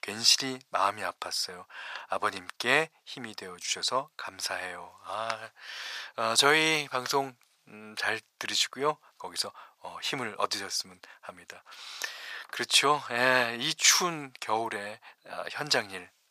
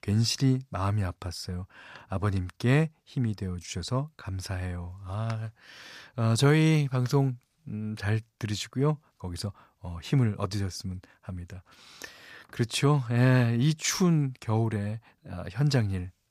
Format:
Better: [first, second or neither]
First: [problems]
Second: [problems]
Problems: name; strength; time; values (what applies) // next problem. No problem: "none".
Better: second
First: thin; very; fading below 750 Hz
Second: none